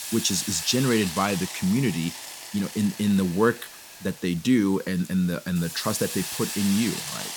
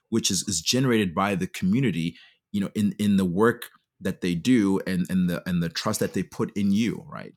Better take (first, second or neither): second